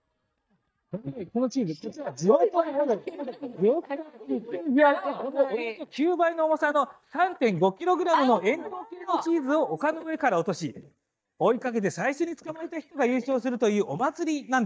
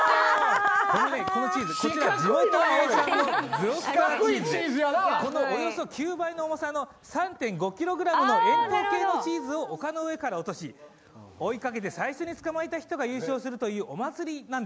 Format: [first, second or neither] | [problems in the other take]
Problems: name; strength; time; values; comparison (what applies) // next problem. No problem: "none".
second | noise reduction (neural mask model DeepFilterNet 3)